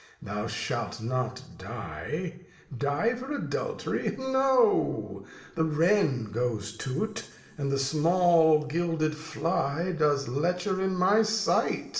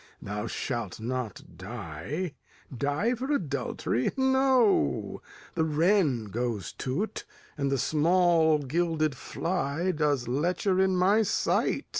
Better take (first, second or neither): second